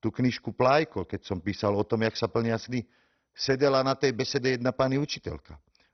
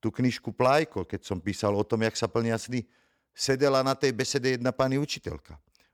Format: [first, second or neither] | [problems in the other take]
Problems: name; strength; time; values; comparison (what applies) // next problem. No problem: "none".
second | garbled, watery; badly; nothing above 6 kHz